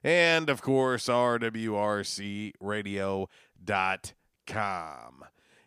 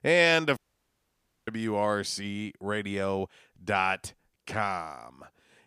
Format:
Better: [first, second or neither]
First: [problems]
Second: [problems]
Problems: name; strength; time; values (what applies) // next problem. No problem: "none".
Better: first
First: none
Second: audio cutting out; at 0.5 s for 1 s